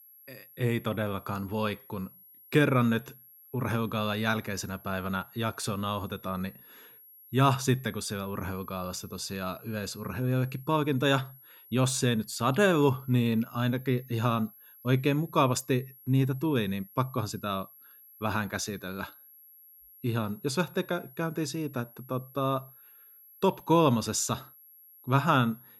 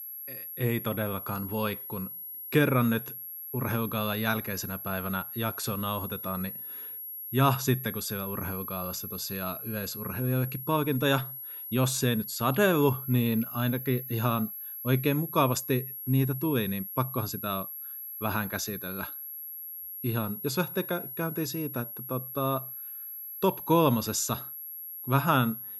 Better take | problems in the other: first | high-pitched whine; loud; throughout; 11.5 kHz, 7 dB below the speech; faint in the first

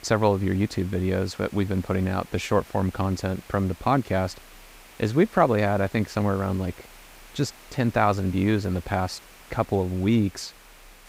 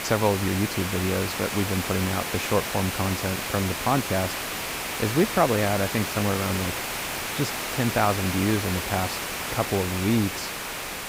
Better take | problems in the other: first | hiss; loud; throughout; 2 dB below the speech; faint in the first

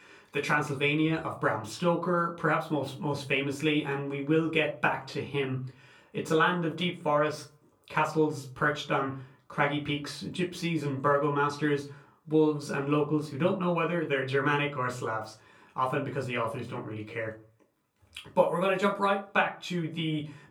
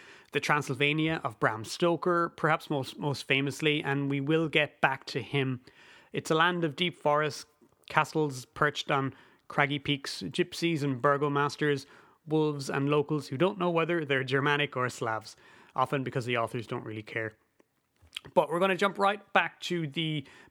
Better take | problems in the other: second | off-mic speech; far // room echo; very slight; dies away in 0.3 s

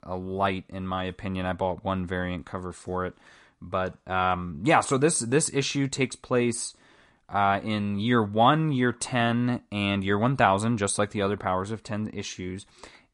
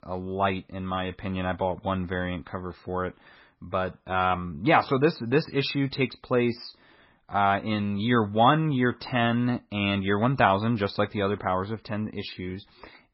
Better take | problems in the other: first | garbled, watery; badly; nothing above 5.5 kHz; slightly in the first

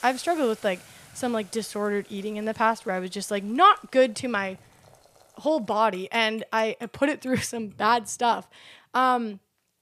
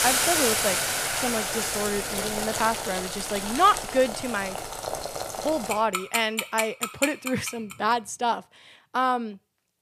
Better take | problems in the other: first | household noises; loud; until 7.5 s; 1 dB below the speech; faint in the first

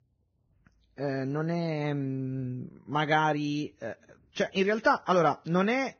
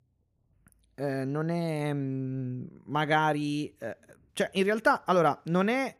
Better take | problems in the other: second | garbled, watery; badly; nothing above 6.5 kHz

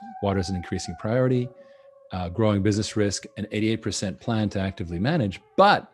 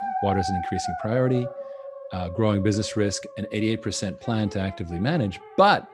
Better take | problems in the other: first | background music; loud; throughout; 10 dB below the speech; faint in the first

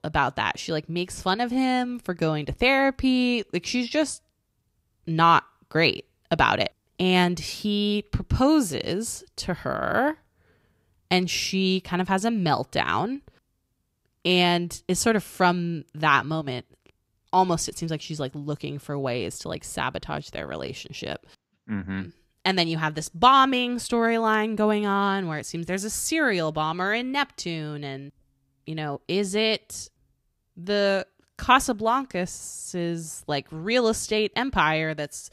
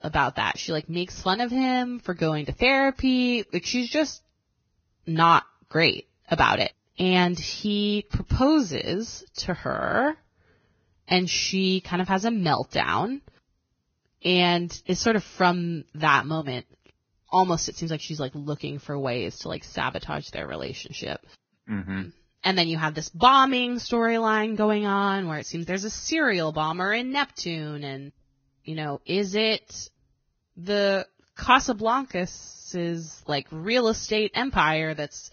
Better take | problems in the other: first | garbled, watery; badly; nothing above 6.5 kHz

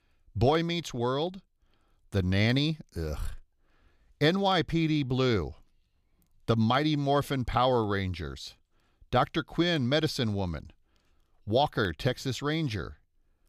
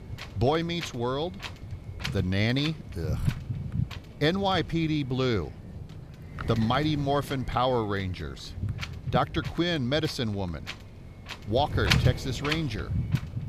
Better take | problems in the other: first | wind noise on the microphone; heavy; 8 dB below the speech

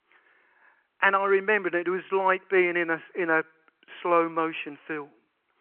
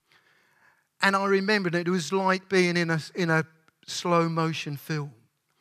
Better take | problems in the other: second | phone-call audio

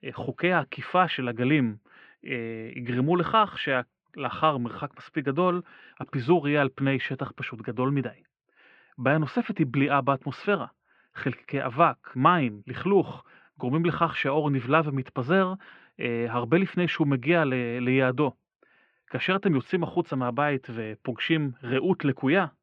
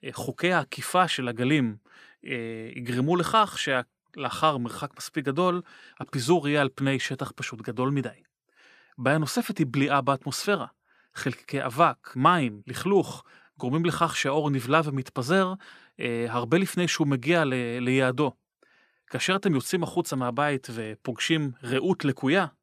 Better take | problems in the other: second | muffled; very; fading above 2.5 kHz

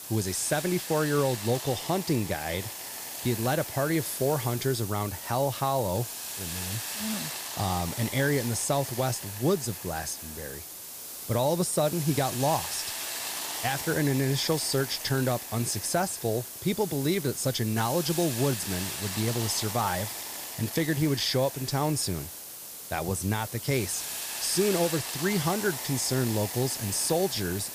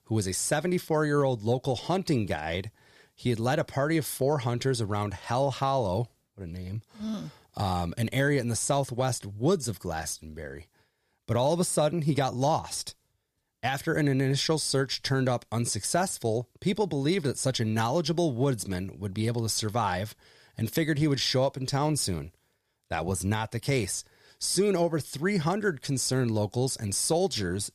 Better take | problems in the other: second | hiss; loud; throughout; 6 dB below the speech

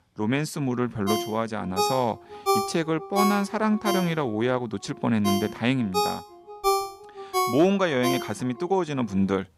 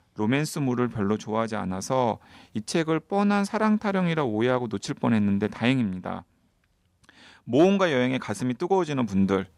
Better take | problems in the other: second | phone ringing; loud; from 1 to 8.5 s; peak 1 dB above the speech

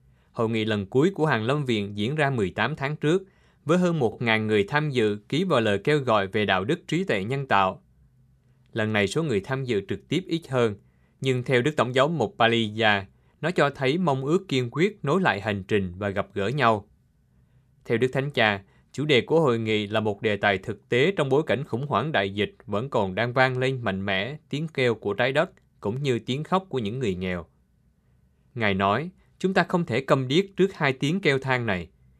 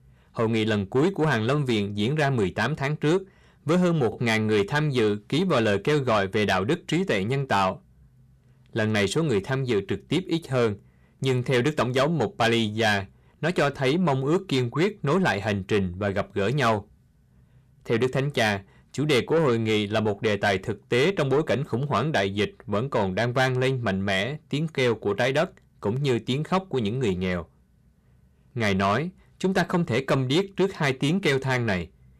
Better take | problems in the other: first | distortion; slight; 10 dB below the speech

